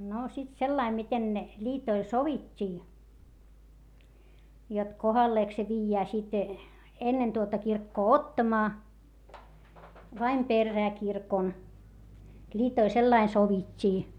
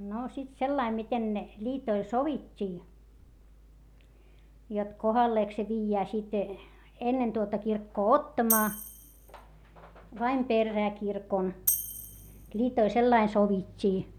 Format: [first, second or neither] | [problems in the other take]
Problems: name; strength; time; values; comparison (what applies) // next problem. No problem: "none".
first | background sound (Tambourine); 4 dB below the speech